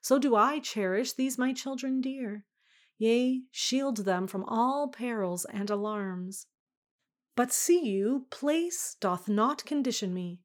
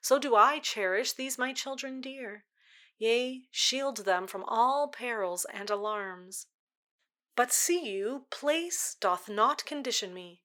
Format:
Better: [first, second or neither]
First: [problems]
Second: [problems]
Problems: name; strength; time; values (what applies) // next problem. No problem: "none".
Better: first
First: none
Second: thin; somewhat; fading below 600 Hz